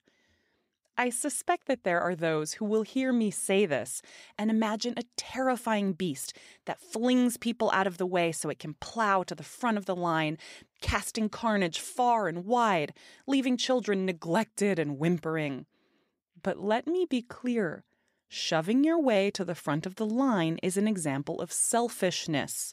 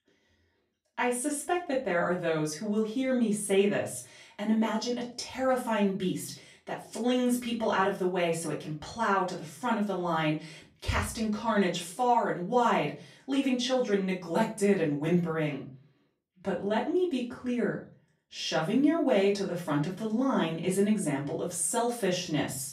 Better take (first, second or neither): first